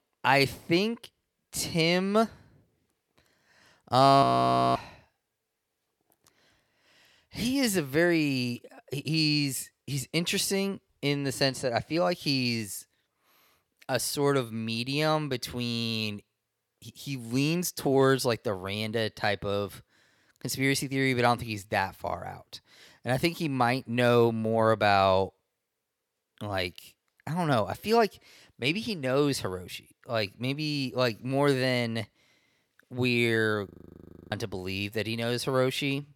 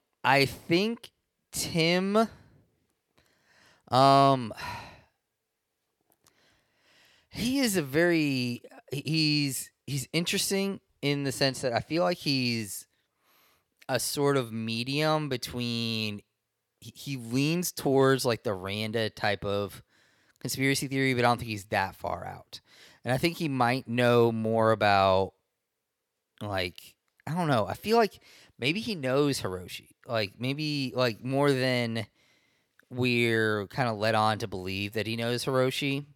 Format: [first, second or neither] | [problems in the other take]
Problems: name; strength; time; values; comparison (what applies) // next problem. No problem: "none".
second | audio freezing; at 4 s for 0.5 s and at 34 s for 0.5 s